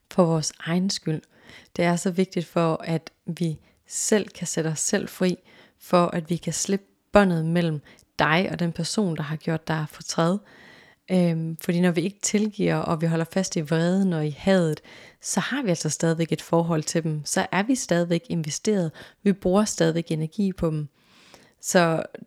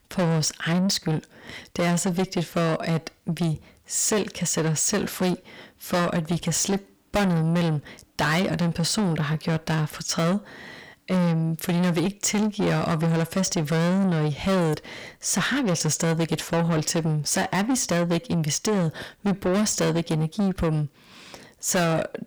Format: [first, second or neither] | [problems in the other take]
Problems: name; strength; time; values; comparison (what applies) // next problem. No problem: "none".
first | distortion; heavy; 6 dB below the speech